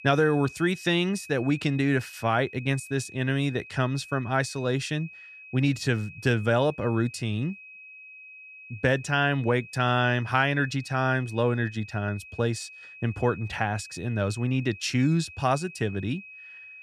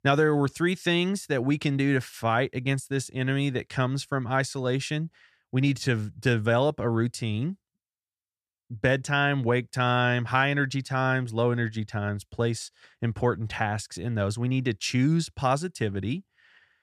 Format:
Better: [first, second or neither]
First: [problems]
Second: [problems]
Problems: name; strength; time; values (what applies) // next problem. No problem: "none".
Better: second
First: high-pitched whine; noticeable; throughout; 2.5 kHz, 15 dB below the speech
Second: none